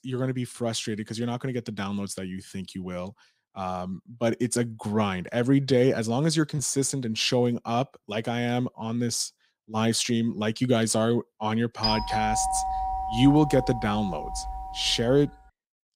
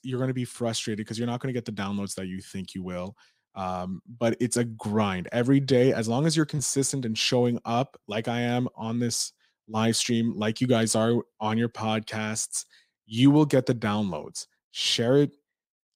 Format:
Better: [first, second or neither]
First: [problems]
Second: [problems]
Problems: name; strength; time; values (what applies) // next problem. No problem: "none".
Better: second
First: doorbell; noticeable; from 12 to 15 s; peak level with the speech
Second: none